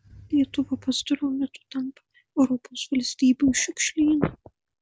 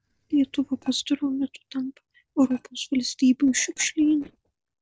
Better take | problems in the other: first | noise reduction (neural separator model SepFormer DNS4)

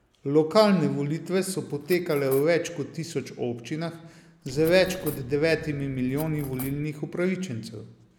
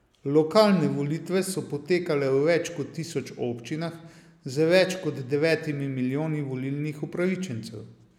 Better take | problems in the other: second | background sound (Explosion + Cutlery, silverware); 16 dB below the speech

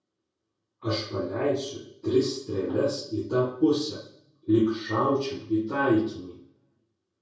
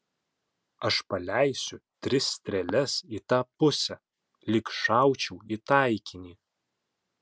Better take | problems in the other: second | room echo; dies away in 0.6 s

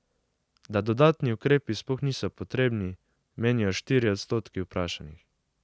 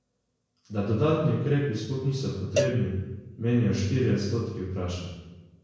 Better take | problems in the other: first | background sound (Cowbell); 7 dB below the speech // room echo; dies away in 1 s

